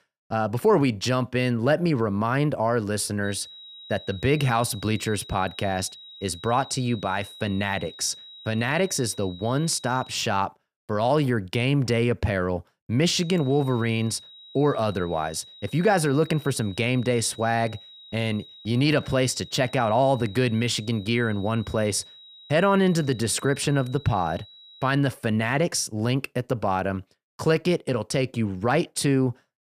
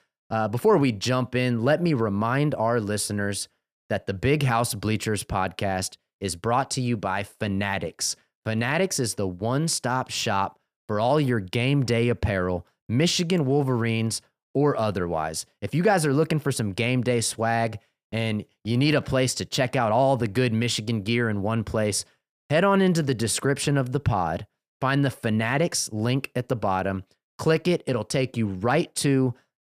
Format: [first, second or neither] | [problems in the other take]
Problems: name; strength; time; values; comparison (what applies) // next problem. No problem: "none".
second | high-pitched whine; noticeable; from 3.5 to 10 s and from 13 to 25 s; 4 kHz, 20 dB below the speech